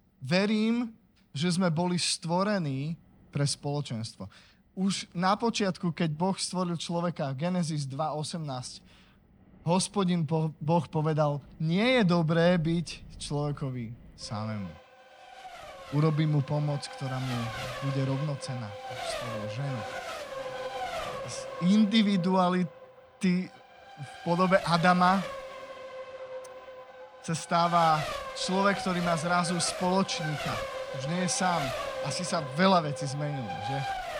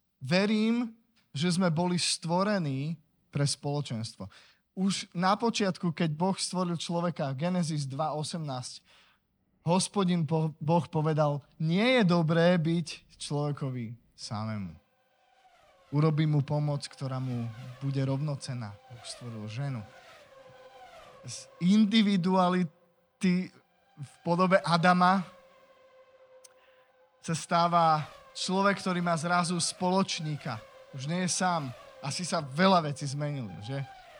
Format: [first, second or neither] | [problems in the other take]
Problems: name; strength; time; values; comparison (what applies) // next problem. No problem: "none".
second | traffic noise; loud; throughout; 9 dB below the speech; faint in the second